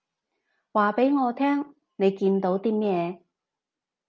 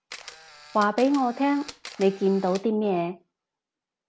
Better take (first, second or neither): first